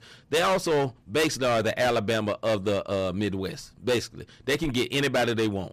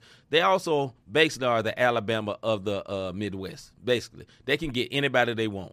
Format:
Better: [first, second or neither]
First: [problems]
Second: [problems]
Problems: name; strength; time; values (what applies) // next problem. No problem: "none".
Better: second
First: distortion; heavy; 13% of the sound clipped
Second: none